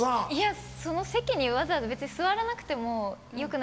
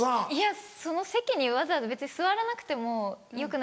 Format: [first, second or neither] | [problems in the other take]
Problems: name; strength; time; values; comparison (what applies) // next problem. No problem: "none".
second | background sound (Motorcycle); 16 dB below the speech